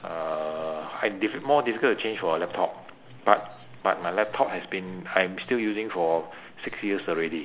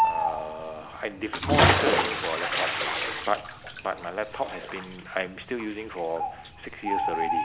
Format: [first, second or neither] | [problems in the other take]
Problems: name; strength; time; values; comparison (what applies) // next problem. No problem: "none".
first | background sound (Bird + Bathtub (filling or washing) / Splash, splatter); 5 dB above the speech